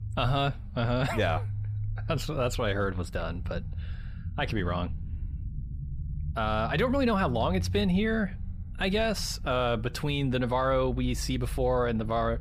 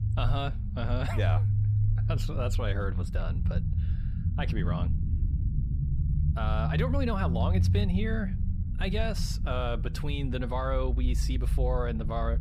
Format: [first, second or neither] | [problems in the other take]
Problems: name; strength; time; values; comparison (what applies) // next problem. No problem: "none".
first | low rumble; loud; throughout; 9 dB below the speech; faint in the first